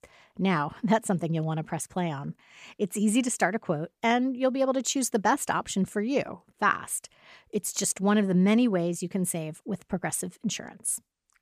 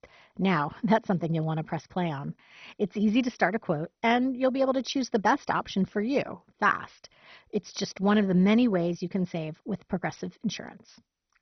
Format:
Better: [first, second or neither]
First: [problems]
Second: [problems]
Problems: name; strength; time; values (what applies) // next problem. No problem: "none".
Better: first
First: none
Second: garbled, watery; badly; nothing above 6 kHz